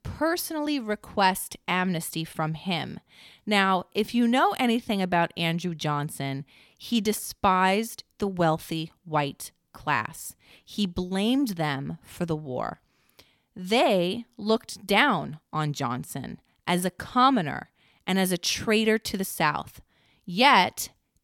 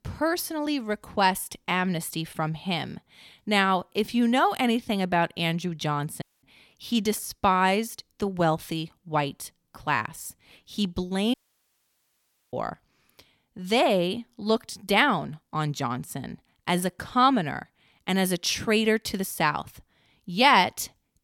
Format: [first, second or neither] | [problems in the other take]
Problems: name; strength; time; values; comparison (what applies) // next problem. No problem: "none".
first | audio cutting out; at 6 s and at 11 s for 1 s